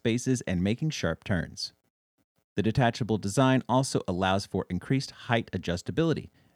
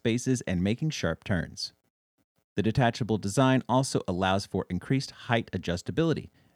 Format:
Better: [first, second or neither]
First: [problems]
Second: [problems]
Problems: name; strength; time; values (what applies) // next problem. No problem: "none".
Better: neither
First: none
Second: none